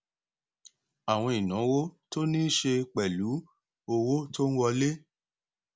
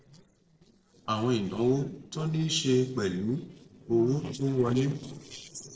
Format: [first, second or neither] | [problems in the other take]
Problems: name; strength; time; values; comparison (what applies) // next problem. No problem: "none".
first | noise reduction (neural separator model SepFormer DNS4)